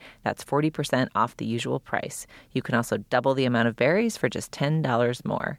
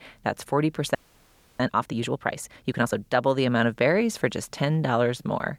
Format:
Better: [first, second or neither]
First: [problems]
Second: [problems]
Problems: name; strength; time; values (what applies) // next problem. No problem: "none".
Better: first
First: none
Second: audio freezing; at 1 s for 0.5 s